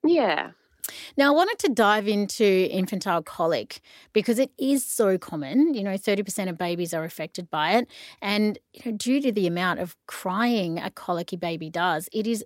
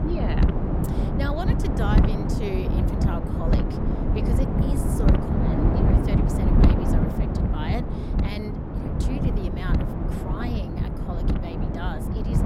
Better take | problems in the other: first | wind noise on the microphone; heavy; 4 dB above the speech

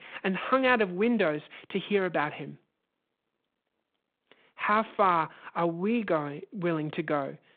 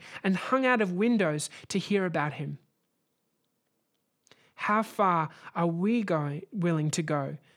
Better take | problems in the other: second | phone-call audio; nothing above 4 kHz

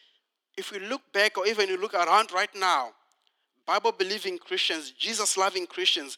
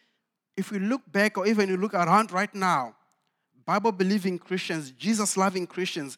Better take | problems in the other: second | thin; very; fading below 350 Hz

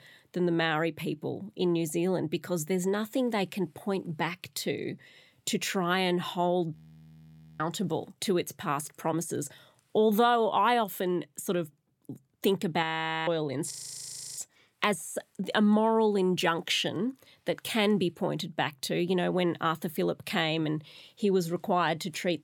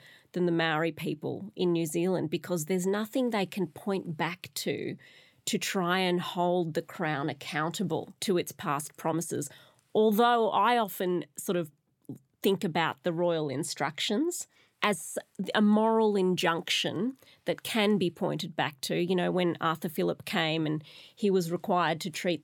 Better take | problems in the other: second | audio freezing; at 7 s for 1 s, at 13 s and at 14 s for 0.5 s

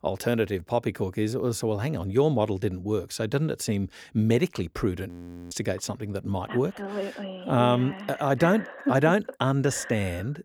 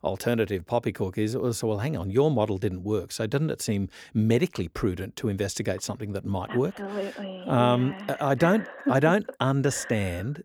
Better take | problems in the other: second | audio freezing; at 5 s

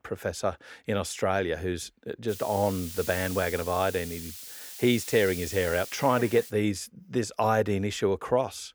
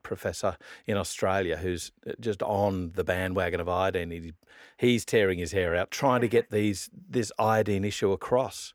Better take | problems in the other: second | hiss; noticeable; from 2.5 to 6.5 s; 10 dB below the speech

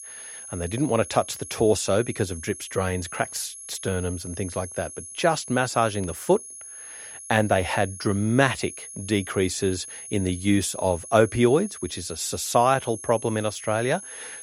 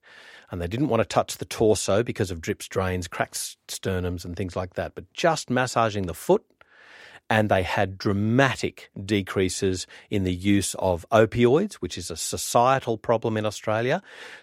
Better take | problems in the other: second | high-pitched whine; noticeable; throughout; 10.5 kHz, 10 dB below the speech

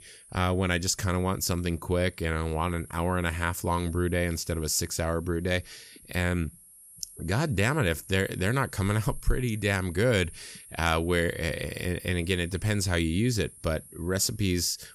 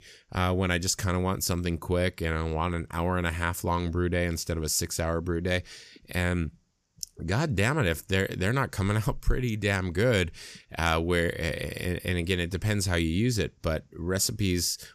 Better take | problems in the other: second | high-pitched whine; noticeable; throughout; 10 kHz, 20 dB below the speech

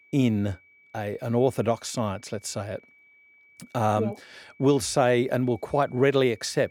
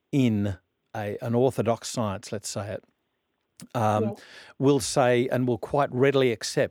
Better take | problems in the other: second | high-pitched whine; faint; throughout; 2.5 kHz, 30 dB below the speech

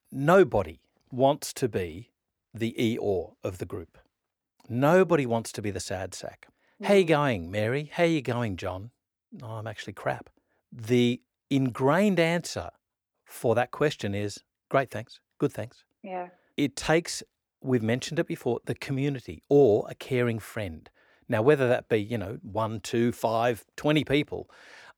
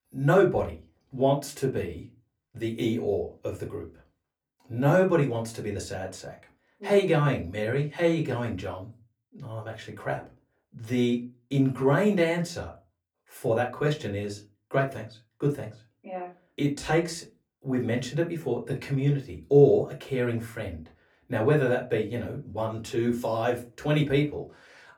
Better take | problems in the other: first | off-mic speech; far // room echo; very slight; dies away in 0.2 s

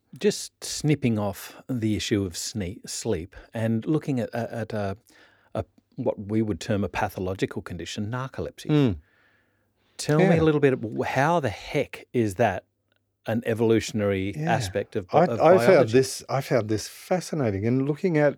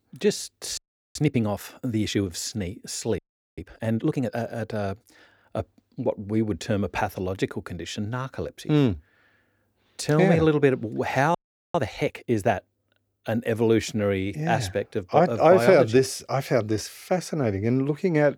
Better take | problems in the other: first | audio freezing; at 1 s, at 3 s and at 11 s

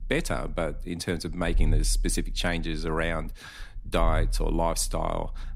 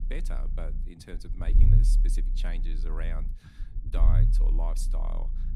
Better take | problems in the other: first | low rumble; loud; throughout; 3 dB below the speech; faint in the first

